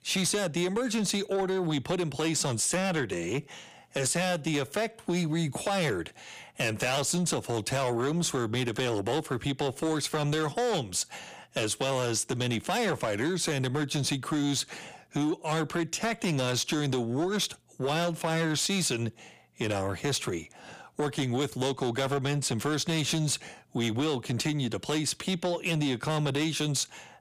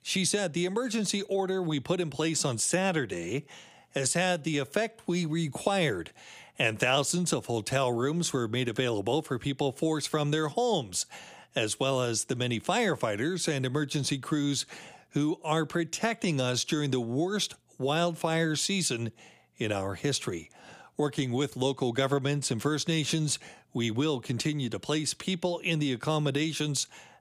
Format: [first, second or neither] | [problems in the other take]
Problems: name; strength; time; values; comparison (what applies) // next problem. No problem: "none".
second | distortion; slight; 10 dB below the speech